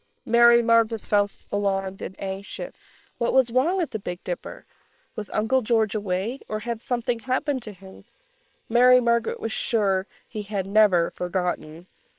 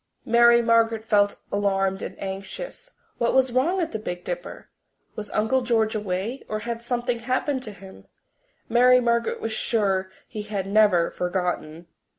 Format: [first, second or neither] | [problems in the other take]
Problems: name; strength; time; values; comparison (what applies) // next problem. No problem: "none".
second | noise reduction (neural separator model SepFormer WHAM!)